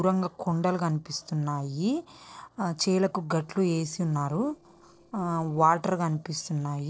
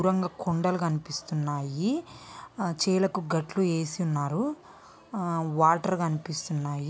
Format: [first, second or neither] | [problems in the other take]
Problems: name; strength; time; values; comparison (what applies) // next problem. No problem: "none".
second | noise reduction (neural separator model SepFormer DNS4)